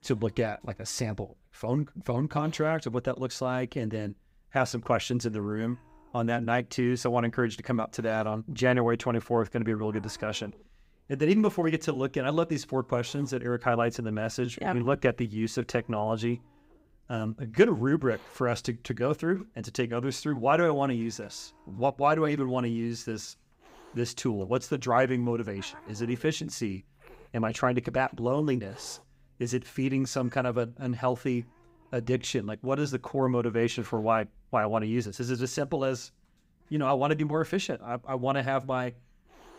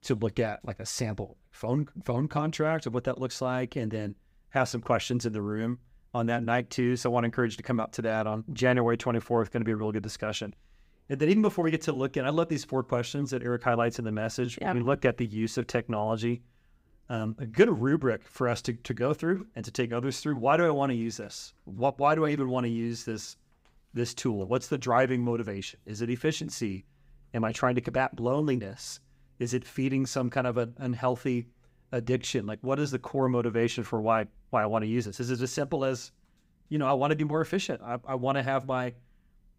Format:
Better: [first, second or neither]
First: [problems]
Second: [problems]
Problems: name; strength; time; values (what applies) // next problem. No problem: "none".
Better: second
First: hiss; faint; throughout; 30 dB below the speech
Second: none